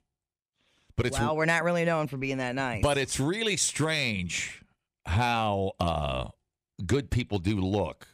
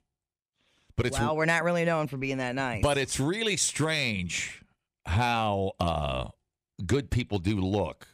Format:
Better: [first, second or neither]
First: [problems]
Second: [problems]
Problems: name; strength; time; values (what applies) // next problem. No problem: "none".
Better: neither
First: none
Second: none